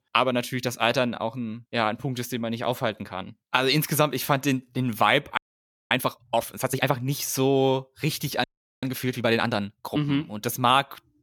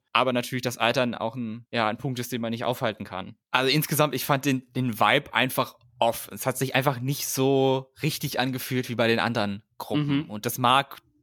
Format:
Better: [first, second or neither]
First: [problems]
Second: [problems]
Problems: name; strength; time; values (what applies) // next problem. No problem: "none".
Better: second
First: audio freezing; at 5.5 s for 0.5 s and at 8.5 s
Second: none